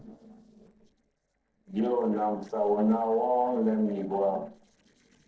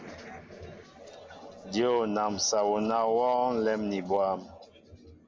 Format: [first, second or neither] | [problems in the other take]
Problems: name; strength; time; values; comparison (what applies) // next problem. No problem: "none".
second | noise reduction (neural separator model SepFormer DNS4)